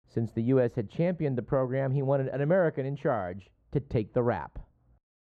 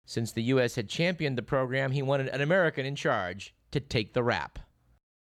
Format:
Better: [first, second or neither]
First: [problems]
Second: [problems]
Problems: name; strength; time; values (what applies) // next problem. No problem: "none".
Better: second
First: muffled; very; fading above 2 kHz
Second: none